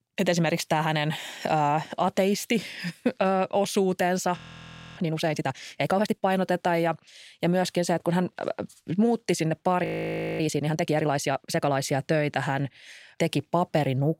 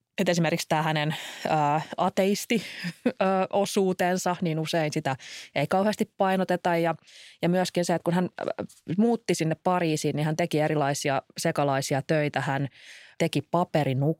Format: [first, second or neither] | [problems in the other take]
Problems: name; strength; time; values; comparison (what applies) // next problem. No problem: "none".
second | audio freezing; at 4.5 s for 0.5 s and at 10 s for 0.5 s